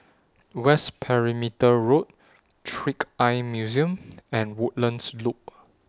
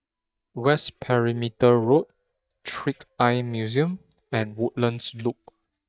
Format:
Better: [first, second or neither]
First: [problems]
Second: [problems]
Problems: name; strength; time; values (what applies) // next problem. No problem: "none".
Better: first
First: none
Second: noise reduction (neural mask model DeepFilterNet 3)